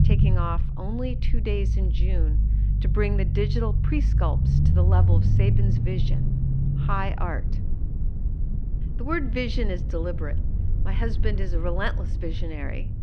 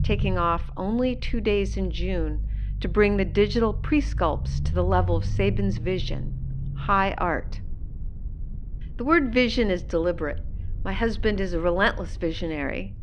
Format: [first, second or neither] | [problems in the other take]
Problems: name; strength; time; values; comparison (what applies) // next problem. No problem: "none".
second | low rumble; loud; throughout; 7 dB below the speech; faint in the second